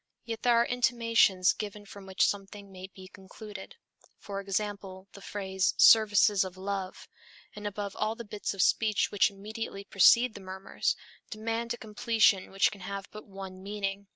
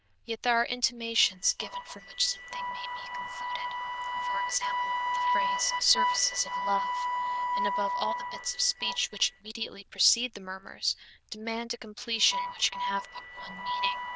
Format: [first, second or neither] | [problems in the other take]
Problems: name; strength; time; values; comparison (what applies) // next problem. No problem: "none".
first | noise reduction (neural diffusion model UNIVERSE++)